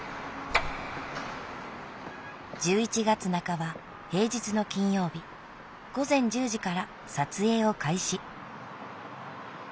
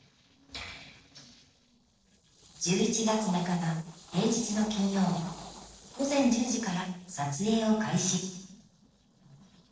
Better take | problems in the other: first | noise reduction (neural separator model SepFormer DNS4)

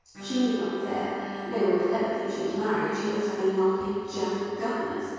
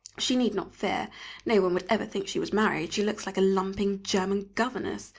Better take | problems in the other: second | background sound (Bowed string instrument); 13 dB below the speech // room echo; dies away in 2.2 s

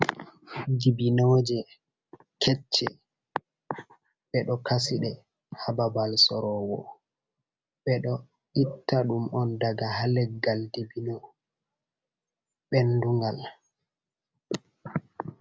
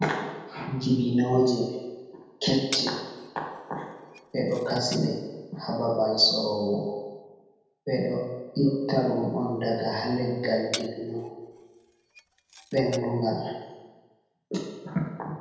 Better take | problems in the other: first | background sound (Glass); 14 dB below the speech // room echo; dies away in 1.1 s

